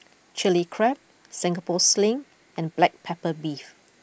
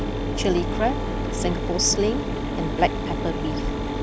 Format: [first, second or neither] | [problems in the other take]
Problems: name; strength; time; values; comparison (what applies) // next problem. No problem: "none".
first | background sound (Mechanisms); 1 dB above the speech